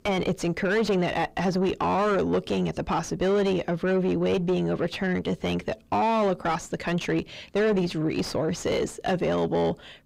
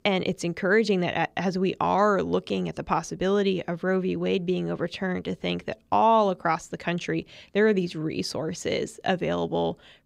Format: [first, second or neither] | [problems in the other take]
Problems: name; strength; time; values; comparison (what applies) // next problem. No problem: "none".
second | distortion; heavy; 6 dB below the speech